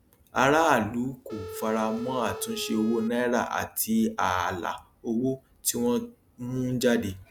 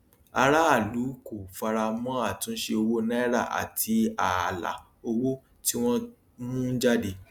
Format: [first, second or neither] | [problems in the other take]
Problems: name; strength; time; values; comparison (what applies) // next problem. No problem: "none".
second | background sound (Telephone); 11 dB below the speech